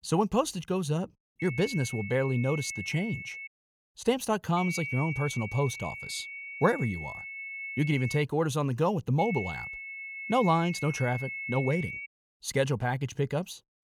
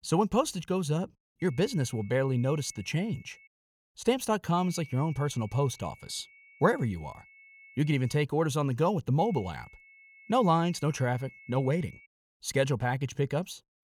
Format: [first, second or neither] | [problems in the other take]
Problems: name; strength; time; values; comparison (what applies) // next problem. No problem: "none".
second | high-pitched whine; loud; from 1.5 to 3.5 s, from 4.5 to 8 s and from 9 to 12 s; 2 kHz, 8 dB below the speech; faint in the second